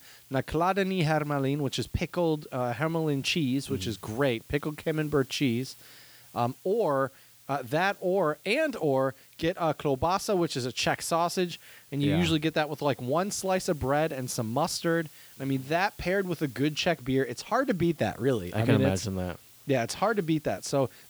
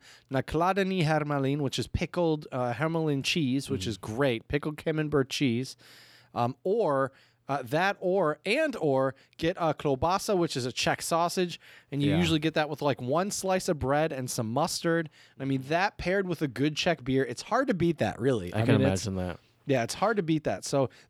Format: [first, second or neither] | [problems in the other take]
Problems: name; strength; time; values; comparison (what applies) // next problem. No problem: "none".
second | hiss; faint; throughout; 25 dB below the speech